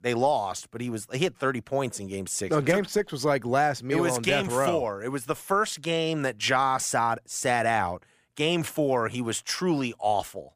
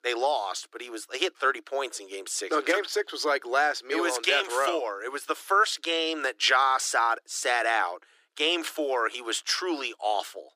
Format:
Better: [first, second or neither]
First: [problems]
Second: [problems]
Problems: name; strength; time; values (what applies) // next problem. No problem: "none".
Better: first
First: none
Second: thin; very; fading below 300 Hz